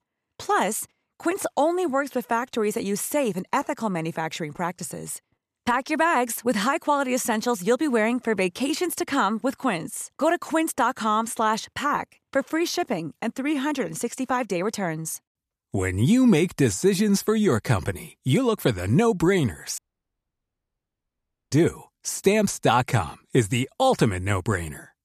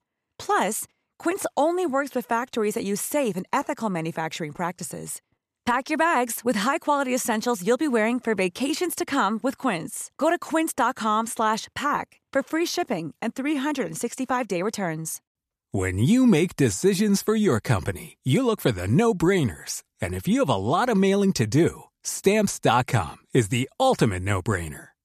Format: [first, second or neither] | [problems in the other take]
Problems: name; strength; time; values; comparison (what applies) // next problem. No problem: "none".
second | audio cutting out; at 20 s for 1.5 s